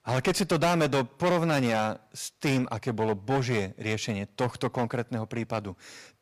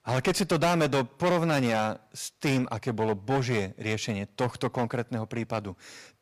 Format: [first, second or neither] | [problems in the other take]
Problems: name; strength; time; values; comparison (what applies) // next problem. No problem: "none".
neither | distortion; heavy; 11% of the sound clipped; the same in both